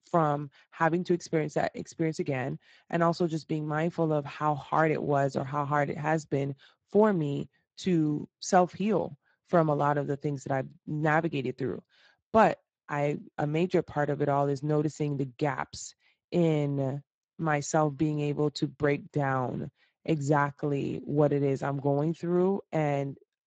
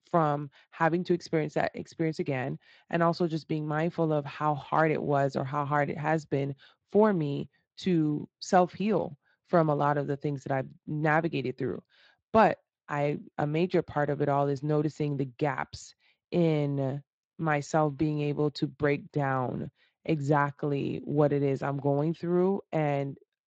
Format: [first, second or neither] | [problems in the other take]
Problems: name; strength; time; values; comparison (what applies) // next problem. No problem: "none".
second | garbled, watery; badly; nothing above 7.5 kHz; slightly in the second